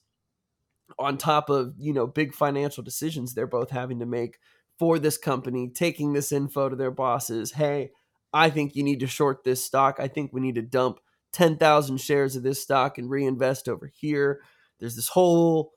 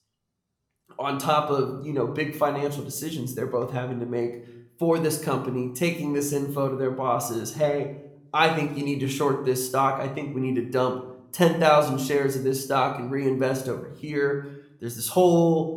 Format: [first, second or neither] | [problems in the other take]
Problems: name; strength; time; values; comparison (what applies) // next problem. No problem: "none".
first | room echo; slight; dies away in 0.6 s